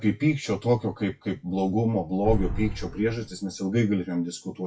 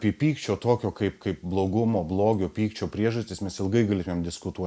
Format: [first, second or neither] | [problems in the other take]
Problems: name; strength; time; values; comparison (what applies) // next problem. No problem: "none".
second | noise reduction (classical method WPE with log-MMSE)